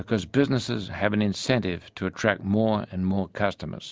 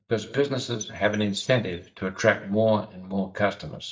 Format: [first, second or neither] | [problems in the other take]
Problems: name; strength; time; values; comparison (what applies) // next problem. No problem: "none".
first | noise reduction (neural mask model DeepFilterNet 3)